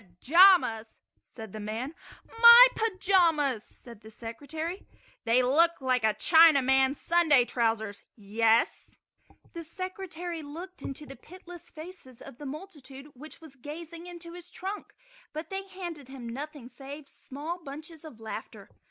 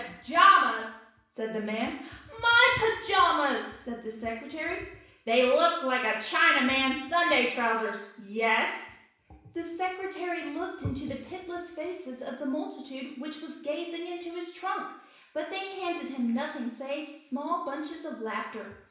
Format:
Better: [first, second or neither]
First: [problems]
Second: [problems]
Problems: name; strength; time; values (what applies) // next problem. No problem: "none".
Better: first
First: none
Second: room echo; dies away in 0.7 s